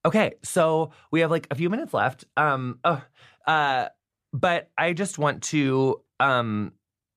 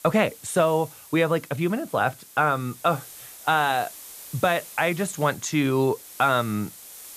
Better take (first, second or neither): first